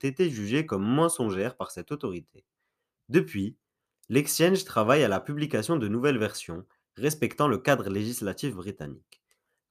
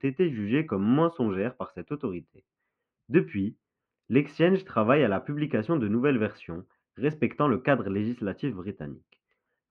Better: first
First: none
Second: muffled; very; fading above 2.5 kHz

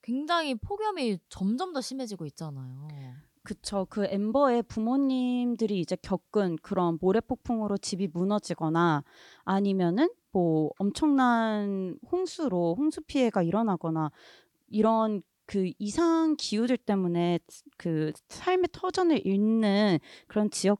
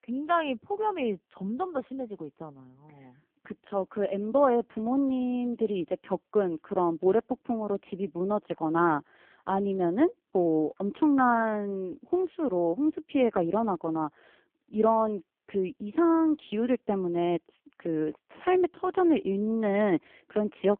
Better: first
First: none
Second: phone-call audio; poor line

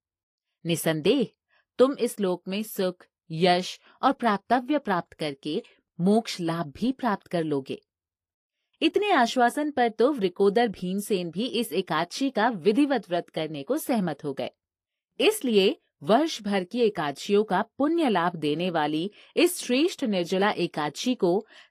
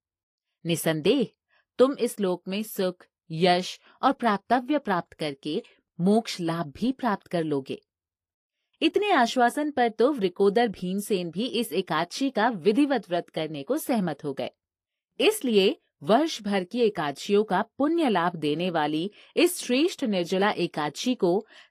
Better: neither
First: garbled, watery; slightly; nothing above 15.5 kHz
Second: garbled, watery; slightly; nothing above 15.5 kHz

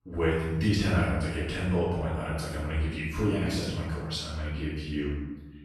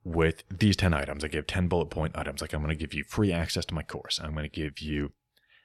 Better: second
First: off-mic speech; far // room echo; strong; dies away in 1 s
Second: none

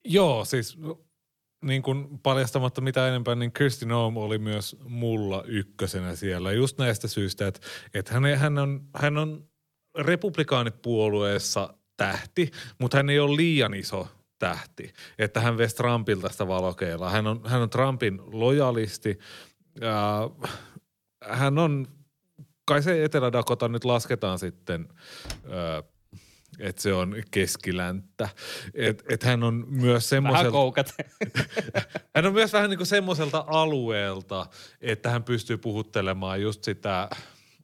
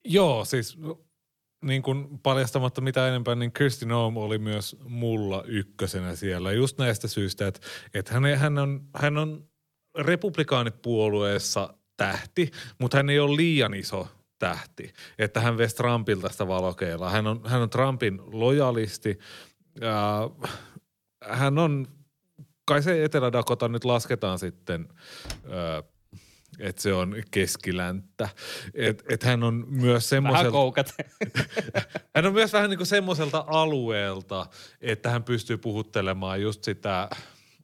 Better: neither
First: door banging; faint; at 25 s; peak 15 dB below the speech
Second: door banging; faint; at 25 s; peak 15 dB below the speech

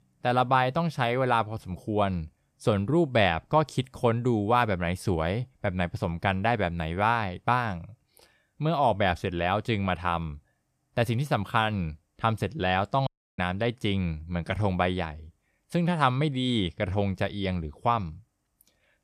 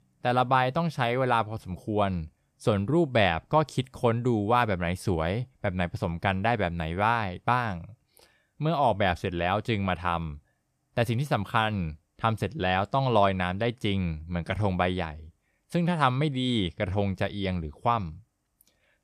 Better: second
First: audio cutting out; at 13 s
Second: none

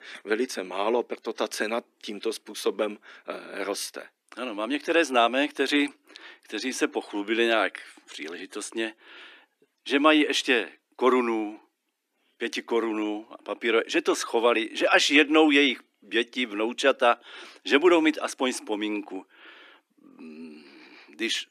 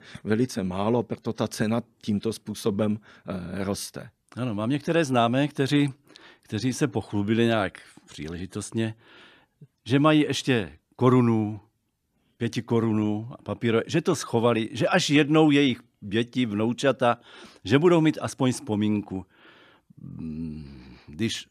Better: second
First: thin; somewhat; fading below 300 Hz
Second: none

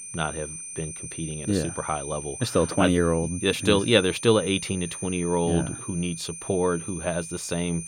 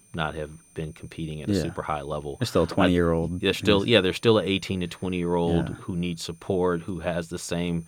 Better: second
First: high-pitched whine; loud; throughout; 9 kHz, 10 dB below the speech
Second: high-pitched whine; faint; throughout; 9 kHz, 30 dB below the speech

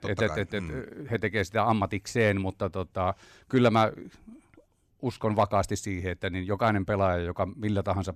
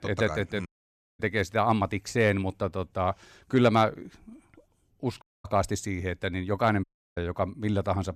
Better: first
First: none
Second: audio cutting out; at 0.5 s for 0.5 s, at 5 s and at 7 s

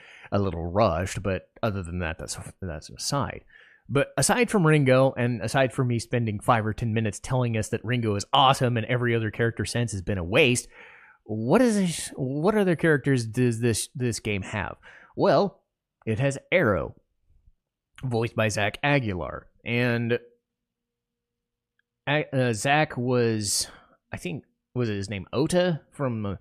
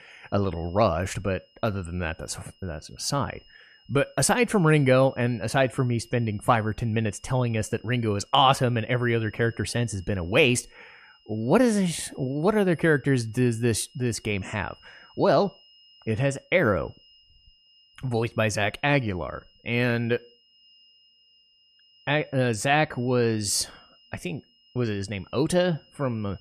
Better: first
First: none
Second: high-pitched whine; faint; throughout; 3 kHz, 30 dB below the speech

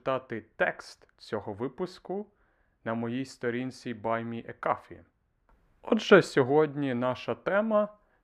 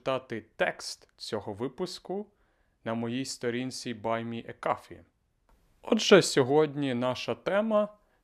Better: second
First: muffled; slightly; fading above 3 kHz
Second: none

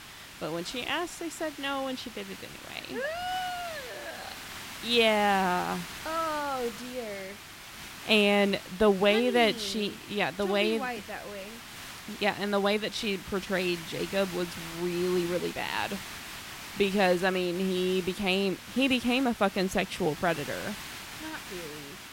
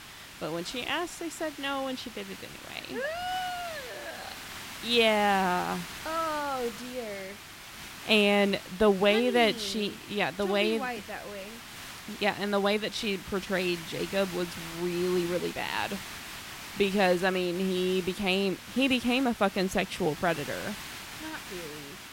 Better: neither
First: hiss; noticeable; throughout; 15 dB below the speech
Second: hiss; noticeable; throughout; 15 dB below the speech

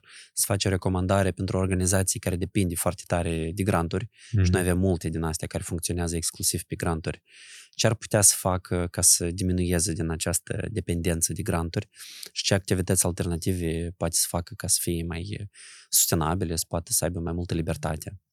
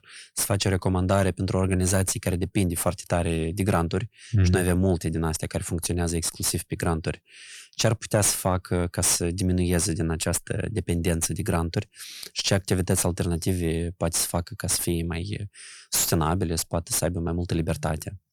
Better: first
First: none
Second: distortion; slight; 10 dB below the speech

